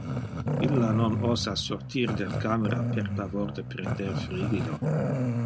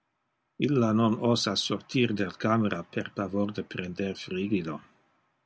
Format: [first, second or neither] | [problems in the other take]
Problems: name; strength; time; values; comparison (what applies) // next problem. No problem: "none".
second | background sound (Growling); 1 dB above the speech